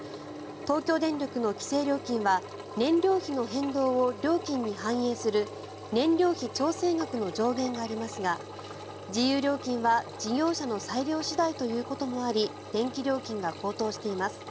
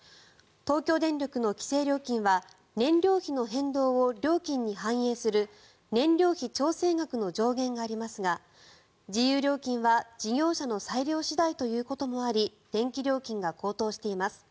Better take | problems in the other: second | background sound (Engine); 12 dB below the speech

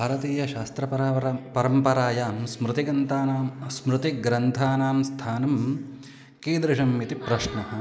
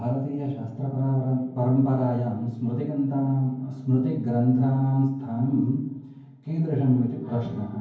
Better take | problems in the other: first | room echo; dies away in 0.9 s

